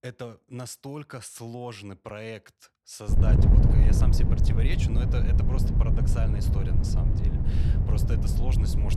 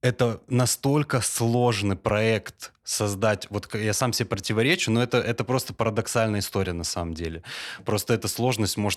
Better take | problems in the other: second | wind noise on the microphone; heavy; from 3 s on; 2 dB above the speech

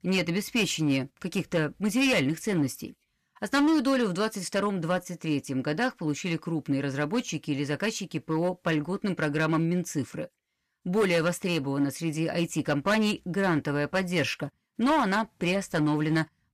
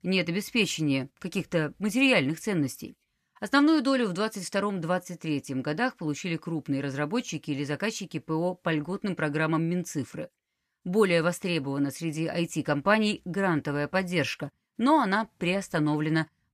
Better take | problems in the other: second | distortion; slight; 6% of the sound clipped

